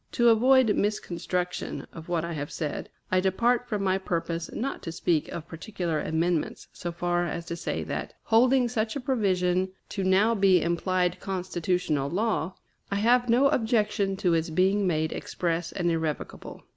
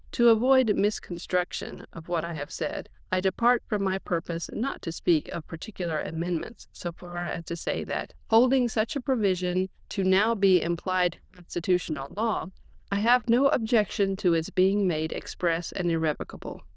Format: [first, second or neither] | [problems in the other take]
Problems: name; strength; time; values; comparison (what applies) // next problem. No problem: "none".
first | noise reduction (neural diffusion model UNIVERSE++)